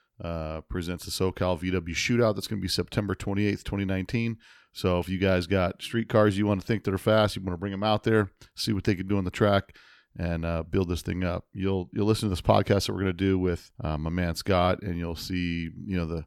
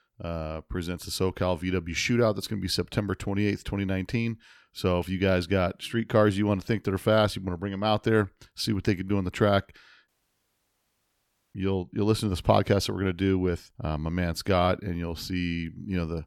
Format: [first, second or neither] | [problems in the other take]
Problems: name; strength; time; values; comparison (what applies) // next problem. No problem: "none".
first | audio cutting out; at 10 s for 1.5 s